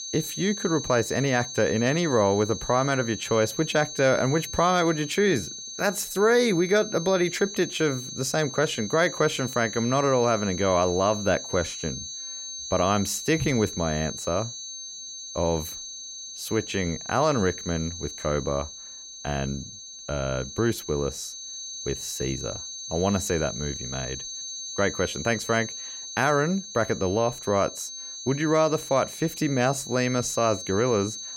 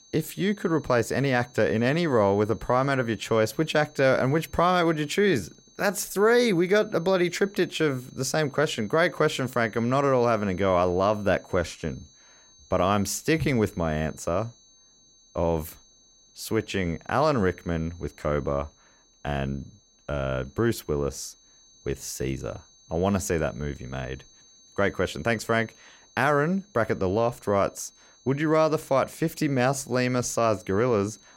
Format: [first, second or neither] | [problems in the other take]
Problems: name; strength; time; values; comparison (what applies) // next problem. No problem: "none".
second | high-pitched whine; loud; throughout; 6.5 kHz, 9 dB below the speech; faint in the second